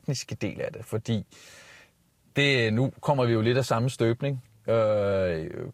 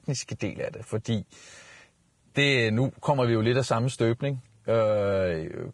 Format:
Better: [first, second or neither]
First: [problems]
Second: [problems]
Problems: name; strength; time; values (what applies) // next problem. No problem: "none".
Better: first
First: garbled, watery; slightly; nothing above 15 kHz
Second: garbled, watery; badly